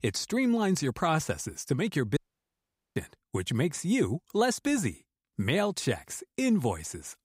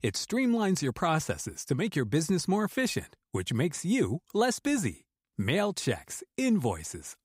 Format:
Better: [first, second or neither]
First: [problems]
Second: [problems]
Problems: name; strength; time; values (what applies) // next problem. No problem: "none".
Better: second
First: audio cutting out; at 2 s for 1 s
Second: none